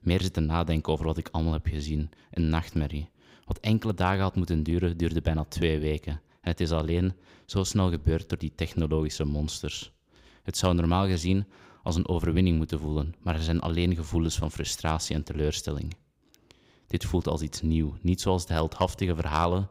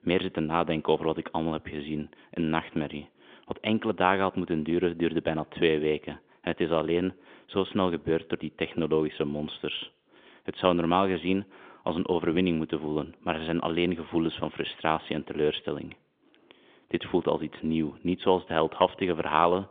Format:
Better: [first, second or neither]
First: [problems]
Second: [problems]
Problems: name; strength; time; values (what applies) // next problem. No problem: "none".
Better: first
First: none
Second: phone-call audio